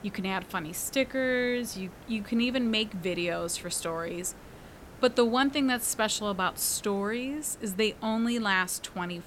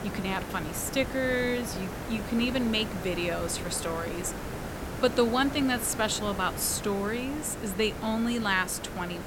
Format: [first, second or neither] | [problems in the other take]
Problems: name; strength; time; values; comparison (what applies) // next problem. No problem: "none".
first | hiss; loud; throughout; 8 dB below the speech; faint in the first